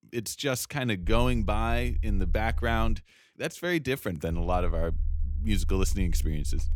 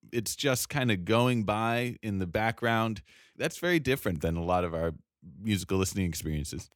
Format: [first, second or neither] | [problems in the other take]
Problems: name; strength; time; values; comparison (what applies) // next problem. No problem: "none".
second | low rumble; faint; from 1 to 3 s and from 4.5 s on; 20 dB below the speech